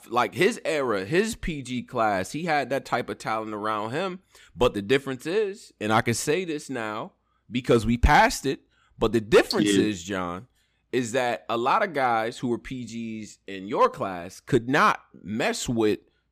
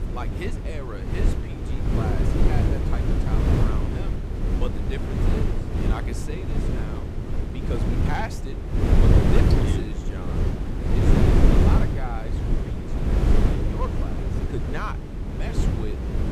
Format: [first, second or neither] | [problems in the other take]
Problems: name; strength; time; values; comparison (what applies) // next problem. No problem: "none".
first | wind noise on the microphone; heavy; 4 dB above the speech